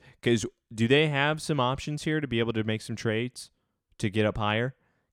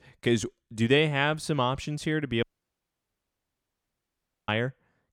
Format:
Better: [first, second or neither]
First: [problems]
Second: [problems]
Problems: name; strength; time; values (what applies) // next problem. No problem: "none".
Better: first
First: none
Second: audio cutting out; at 2.5 s for 2 s